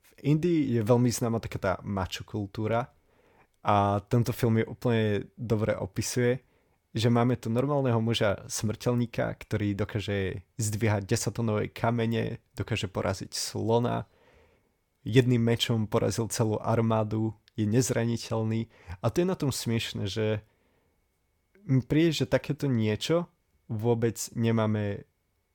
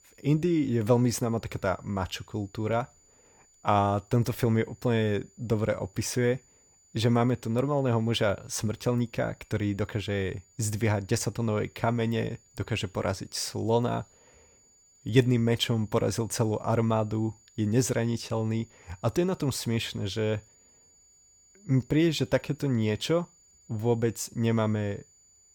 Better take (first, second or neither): first